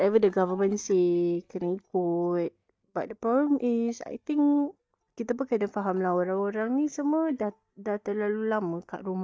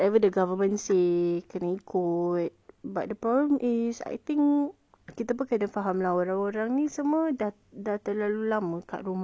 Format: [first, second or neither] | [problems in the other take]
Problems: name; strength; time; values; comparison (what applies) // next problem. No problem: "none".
second | noise reduction (neural mask model DeepFilterNet 3)